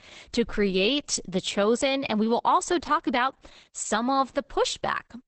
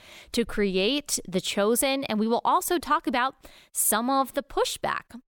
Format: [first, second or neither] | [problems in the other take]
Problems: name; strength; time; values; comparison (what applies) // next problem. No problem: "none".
second | garbled, watery; badly; nothing above 8 kHz